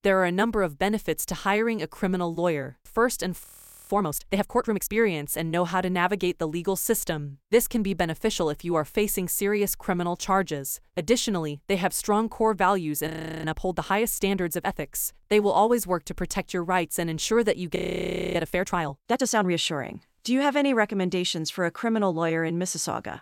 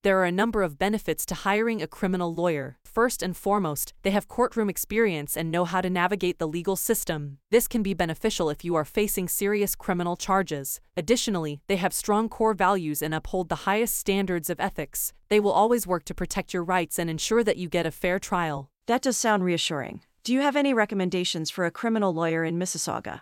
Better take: second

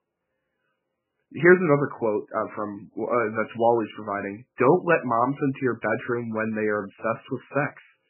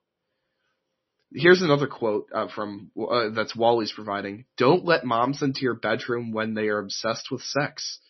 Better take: second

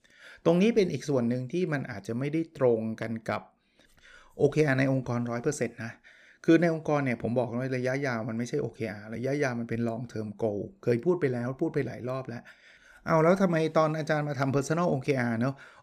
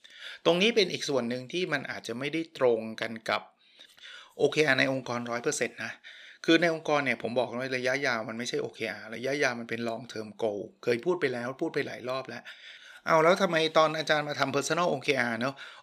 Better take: first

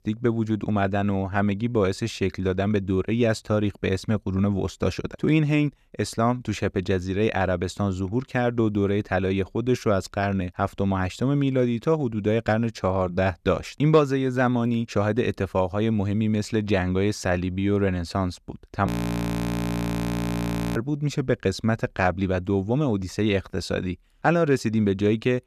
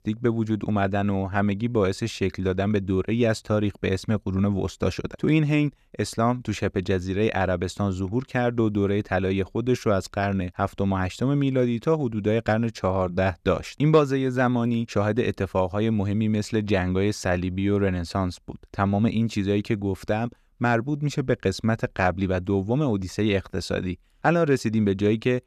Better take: second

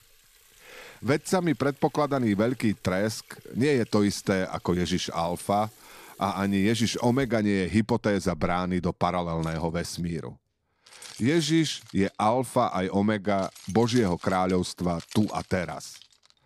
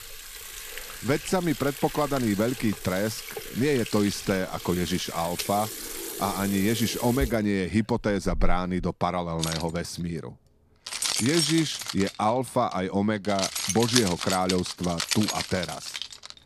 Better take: first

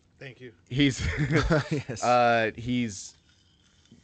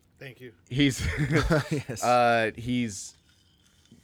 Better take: second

